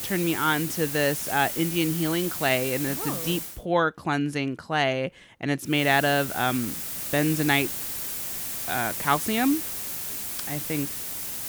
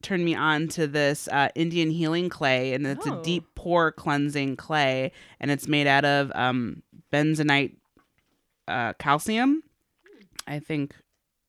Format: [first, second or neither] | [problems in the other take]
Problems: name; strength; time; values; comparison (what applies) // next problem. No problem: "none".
second | hiss; loud; until 3.5 s and from 6 s on; 3 dB below the speech